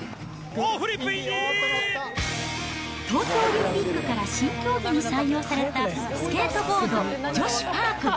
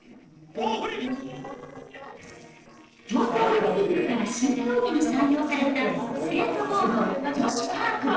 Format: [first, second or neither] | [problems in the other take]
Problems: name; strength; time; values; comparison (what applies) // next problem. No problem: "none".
first | noise reduction (neural separator model SepFormer DNS4)